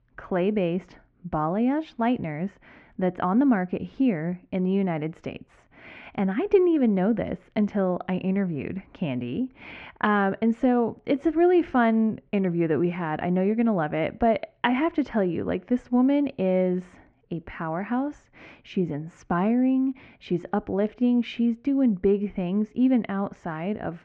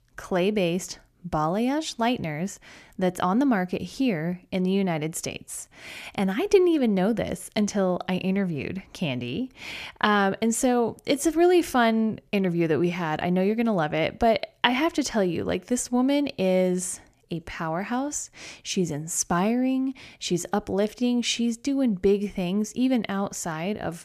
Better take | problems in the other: second | muffled; very; fading above 2 kHz

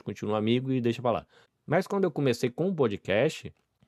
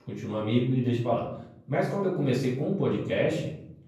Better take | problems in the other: first | off-mic speech; far // room echo; noticeable; dies away in 0.7 s

